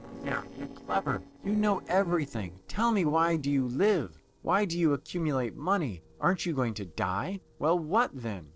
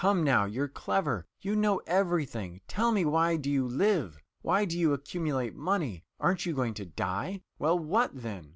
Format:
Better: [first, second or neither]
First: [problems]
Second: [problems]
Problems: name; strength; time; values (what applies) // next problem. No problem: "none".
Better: second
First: noise reduction (neural separator model SepFormer DNS4)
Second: none